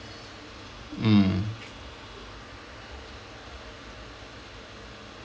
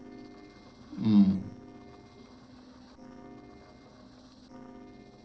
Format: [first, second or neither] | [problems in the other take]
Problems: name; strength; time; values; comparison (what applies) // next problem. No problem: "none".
first | noise reduction (neural separator model SepFormer DNS4)